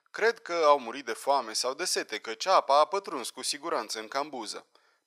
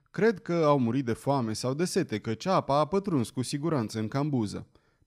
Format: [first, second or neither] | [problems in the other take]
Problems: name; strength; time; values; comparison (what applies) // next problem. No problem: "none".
second | thin; very; fading below 550 Hz